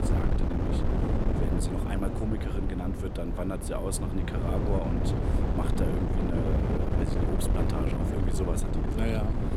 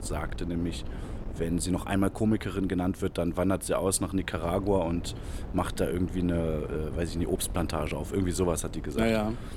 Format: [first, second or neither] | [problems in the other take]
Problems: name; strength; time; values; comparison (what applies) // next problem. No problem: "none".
second | wind noise on the microphone; heavy; 1 dB above the speech; occasional gusts in the second